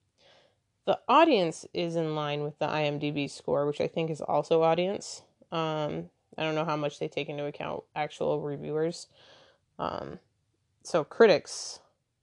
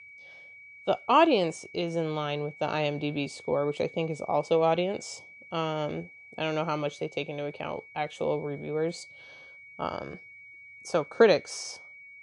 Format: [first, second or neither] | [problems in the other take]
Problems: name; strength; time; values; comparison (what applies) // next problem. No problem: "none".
first | high-pitched whine; noticeable; throughout; 2.5 kHz, 20 dB below the speech